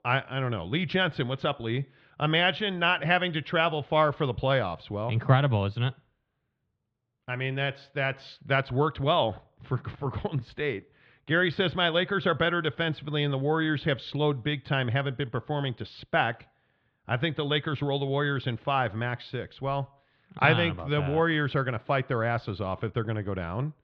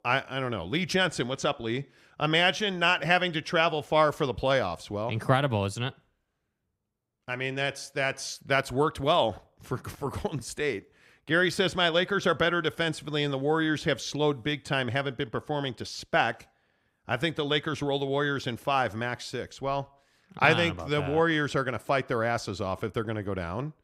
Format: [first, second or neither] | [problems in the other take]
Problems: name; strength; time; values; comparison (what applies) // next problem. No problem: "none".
second | muffled; slightly; fading above 3.5 kHz